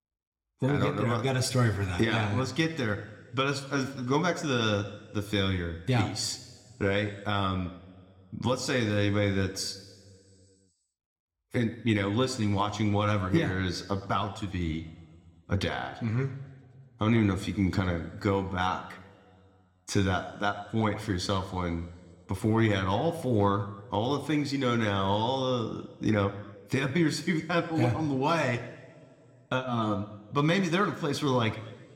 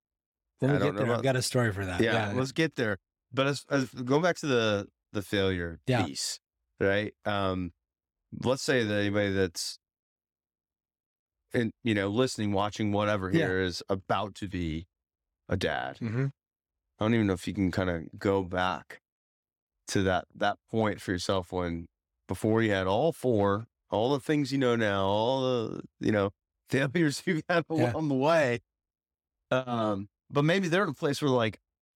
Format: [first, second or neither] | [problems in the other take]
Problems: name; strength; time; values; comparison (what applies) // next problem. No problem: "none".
second | room echo; very slight; dies away in 1.6 s